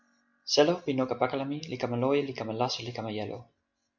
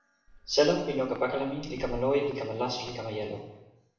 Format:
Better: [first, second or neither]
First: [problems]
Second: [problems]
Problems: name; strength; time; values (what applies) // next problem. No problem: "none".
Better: first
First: none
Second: background sound (Walk, footsteps); 17 dB below the speech // room echo; dies away in 0.9 s